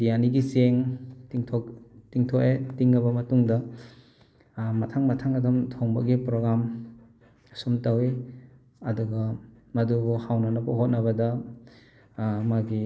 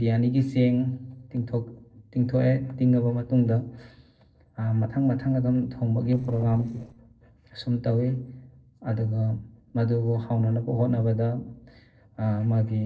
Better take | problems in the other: first | noise reduction (neural separator model SepFormer DNS4)

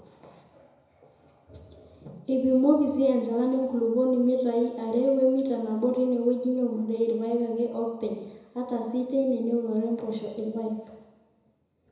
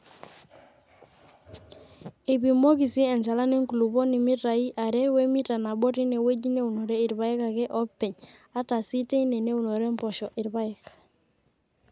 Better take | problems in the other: second | room echo; dies away in 1 s

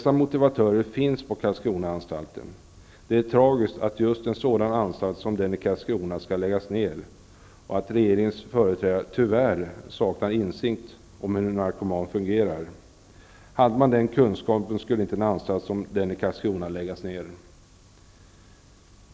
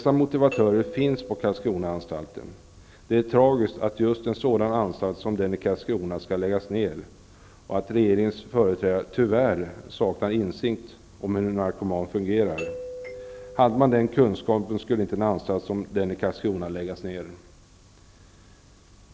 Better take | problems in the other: first | background sound (Doorbell); 14 dB below the speech

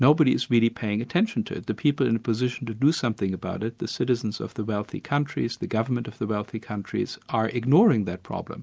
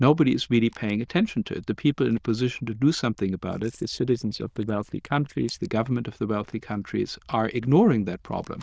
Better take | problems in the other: first | noise reduction (neural diffusion model UNIVERSE++)

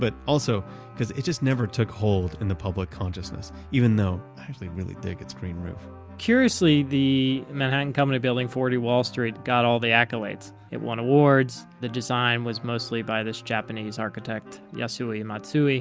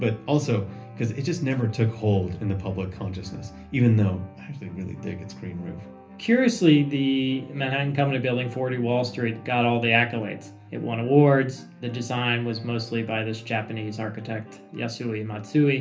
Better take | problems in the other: first | room echo; dies away in 0.3 s

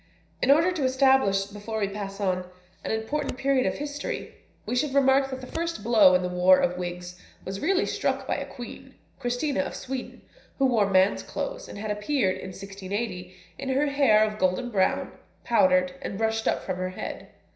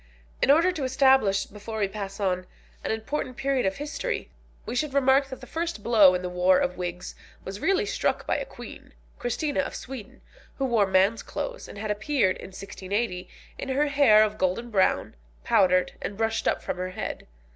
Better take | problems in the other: second | background sound (Scissors); 17 dB below the speech // room echo; dies away in 0.5 s

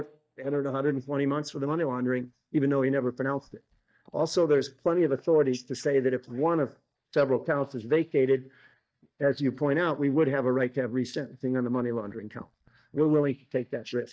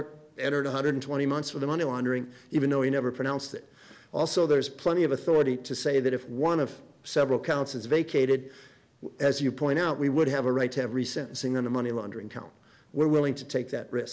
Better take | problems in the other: second | noise reduction (neural mask model DeepFilterNet 3)

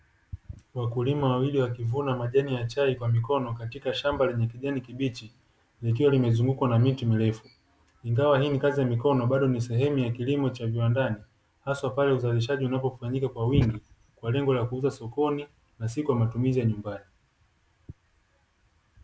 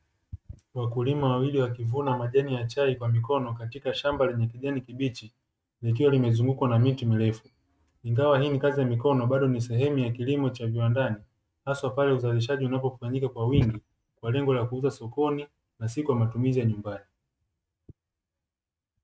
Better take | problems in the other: first | noise reduction (neural mask model RNNoise)

